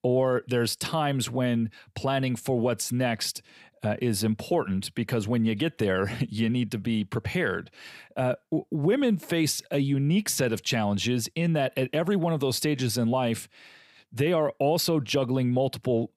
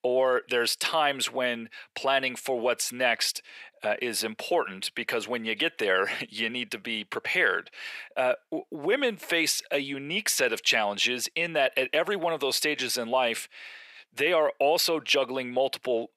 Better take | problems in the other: first | thin; very; fading below 500 Hz

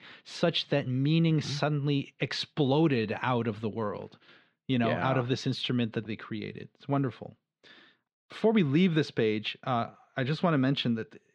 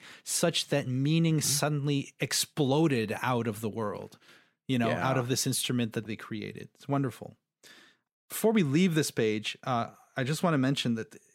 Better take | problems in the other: second | muffled; slightly; fading above 4 kHz

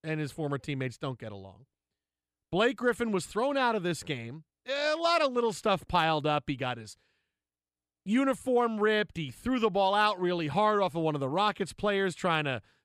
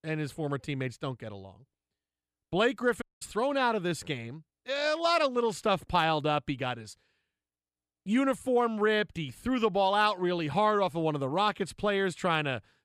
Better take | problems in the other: first | audio cutting out; at 3 s

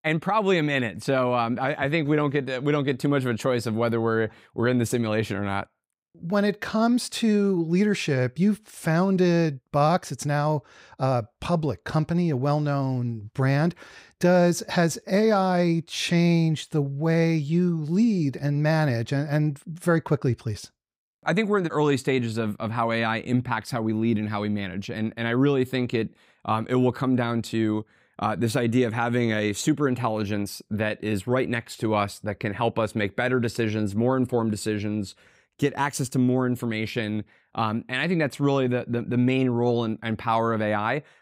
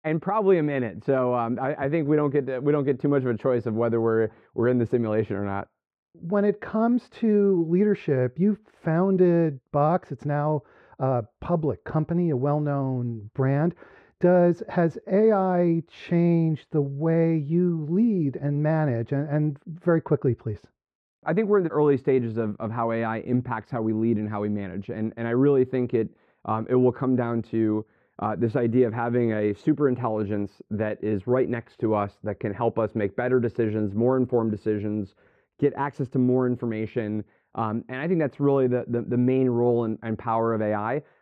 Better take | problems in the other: first | muffled; very; fading above 4 kHz

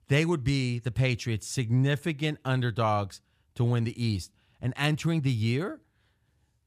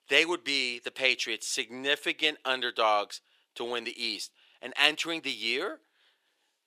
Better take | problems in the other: first | thin; very; fading below 400 Hz

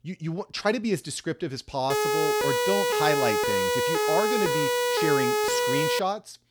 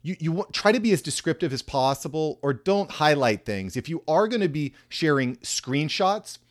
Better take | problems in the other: second | siren; loud; from 2 to 6 s; peak 5 dB above the speech

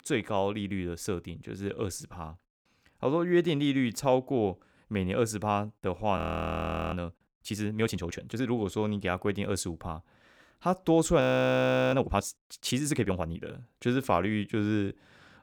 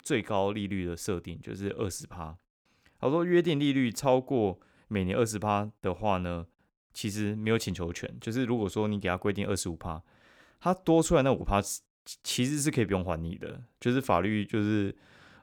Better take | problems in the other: second | audio freezing; at 6 s for 0.5 s and at 11 s for 0.5 s

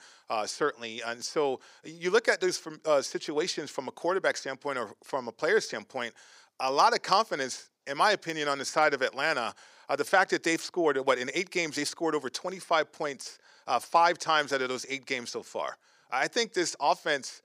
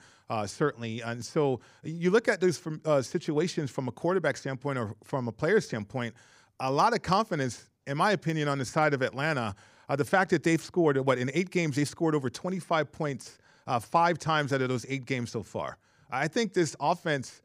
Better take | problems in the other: second | thin; somewhat; fading below 450 Hz

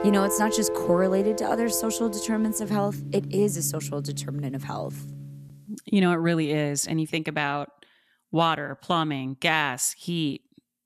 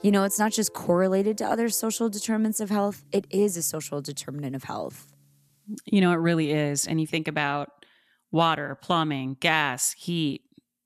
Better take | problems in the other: second | background music; loud; until 5.5 s; 7 dB below the speech; faint in the second

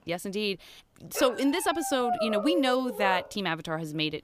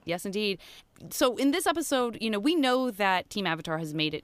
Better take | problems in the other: second | dog barking; noticeable; from 1 to 3 s; peak 1 dB below the speech

